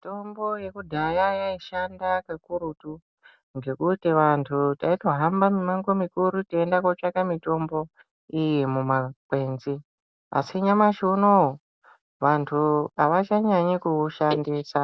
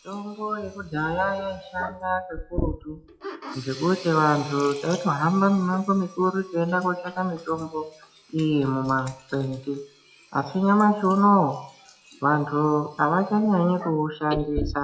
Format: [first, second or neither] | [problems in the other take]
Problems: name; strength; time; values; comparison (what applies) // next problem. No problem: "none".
first | noise reduction (classical method WPE with log-MMSE)